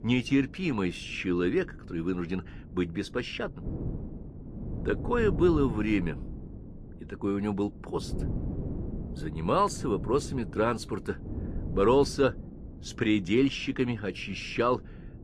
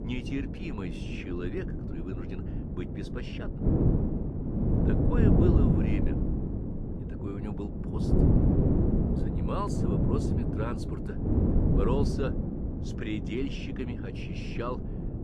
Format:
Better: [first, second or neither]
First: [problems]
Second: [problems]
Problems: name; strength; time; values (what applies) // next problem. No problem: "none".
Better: first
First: wind noise on the microphone; occasional gusts; 15 dB below the speech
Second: wind noise on the microphone; heavy; 2 dB above the speech